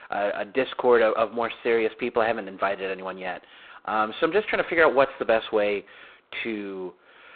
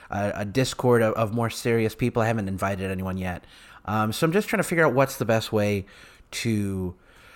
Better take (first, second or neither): second